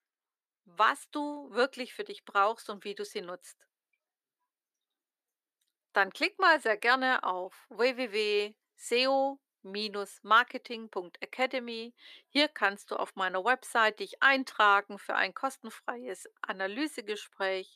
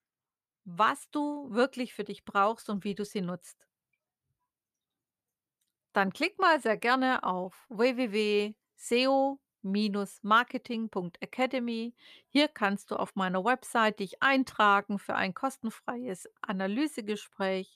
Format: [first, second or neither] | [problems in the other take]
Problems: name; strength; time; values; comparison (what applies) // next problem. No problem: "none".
second | thin; somewhat; fading below 300 Hz